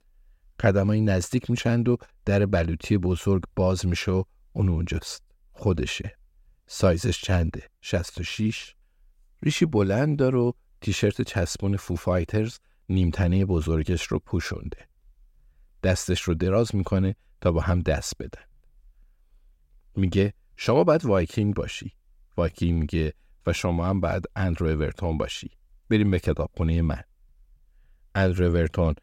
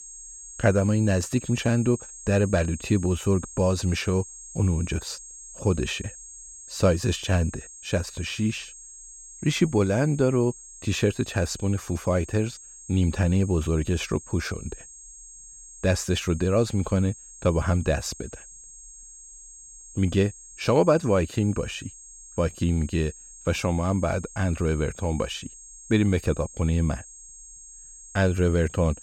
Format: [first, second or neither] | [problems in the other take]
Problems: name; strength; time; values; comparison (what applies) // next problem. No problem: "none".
first | high-pitched whine; noticeable; throughout; 6.5 kHz, 15 dB below the speech